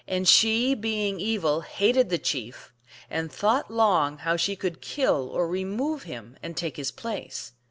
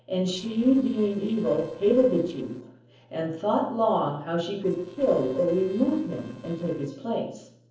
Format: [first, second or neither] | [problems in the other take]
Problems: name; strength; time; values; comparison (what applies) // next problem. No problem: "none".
first | noise reduction (neural separator model SepFormer DNS4)